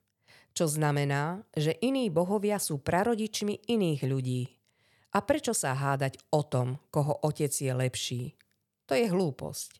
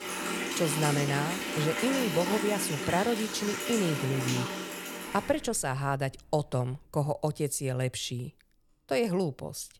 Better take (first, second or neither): first